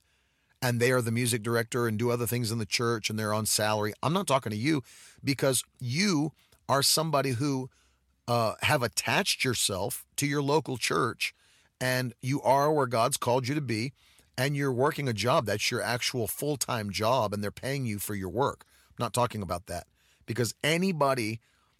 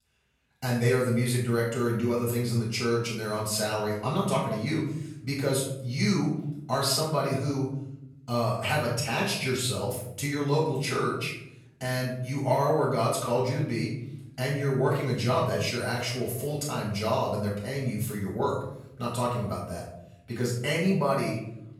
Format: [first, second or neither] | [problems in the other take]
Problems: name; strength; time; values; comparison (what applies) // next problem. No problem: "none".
first | off-mic speech; far // room echo; noticeable; dies away in 0.9 s